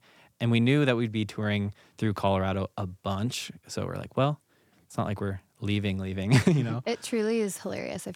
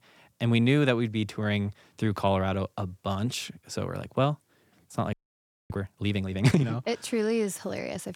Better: first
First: none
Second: audio freezing; at 5 s for 0.5 s

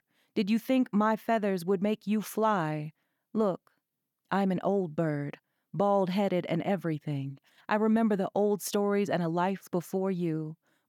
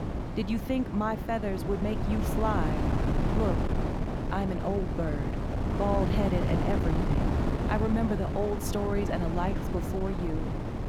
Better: first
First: none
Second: wind noise on the microphone; heavy; 3 dB below the speech

